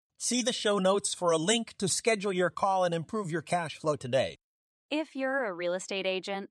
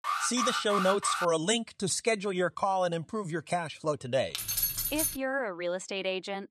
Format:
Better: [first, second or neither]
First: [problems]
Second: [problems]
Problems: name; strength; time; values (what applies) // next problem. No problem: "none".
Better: first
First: none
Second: alarm; loud; until 1.5 s; peak level with the speech // jangling keys; loud; at 4.5 s; peak 2 dB above the speech